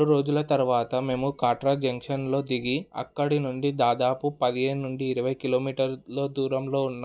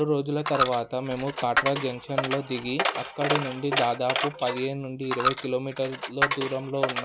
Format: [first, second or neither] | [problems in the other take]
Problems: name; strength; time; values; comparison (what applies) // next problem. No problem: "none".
first | background sound (Coin (dropping)); 2 dB below the speech